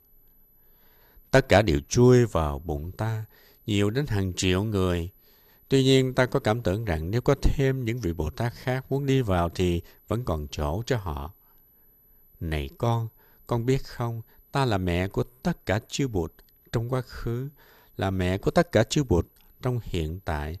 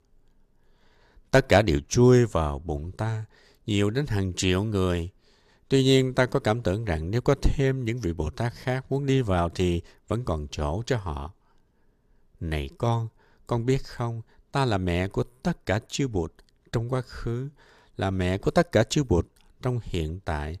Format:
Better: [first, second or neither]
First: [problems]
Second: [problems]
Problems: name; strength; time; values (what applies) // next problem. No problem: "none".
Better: second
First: high-pitched whine; faint; throughout; 12 kHz, 30 dB below the speech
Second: none